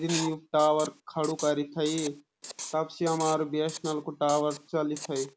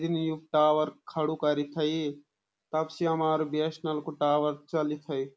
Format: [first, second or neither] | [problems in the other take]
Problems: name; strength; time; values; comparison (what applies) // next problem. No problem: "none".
second | background sound (Writing); 13 dB below the speech